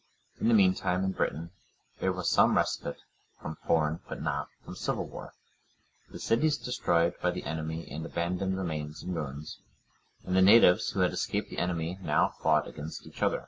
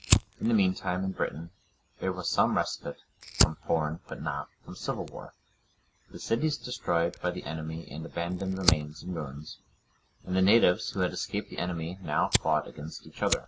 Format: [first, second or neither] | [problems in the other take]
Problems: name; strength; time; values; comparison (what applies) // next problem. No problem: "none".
first | background sound (Fire); 5 dB below the speech